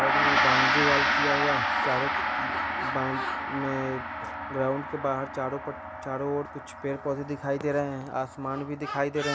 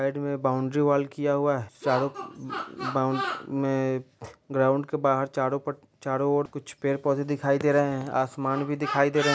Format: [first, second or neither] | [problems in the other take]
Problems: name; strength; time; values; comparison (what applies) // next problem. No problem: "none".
second | background sound (Gong); 2 dB above the speech